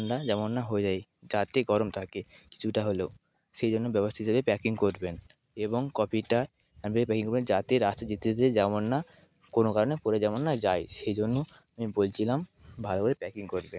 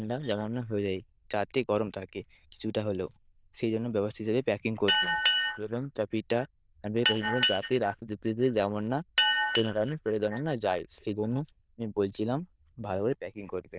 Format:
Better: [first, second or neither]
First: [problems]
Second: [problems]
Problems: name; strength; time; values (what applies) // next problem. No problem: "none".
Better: first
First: none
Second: noise reduction (neural diffusion model UNIVERSE++)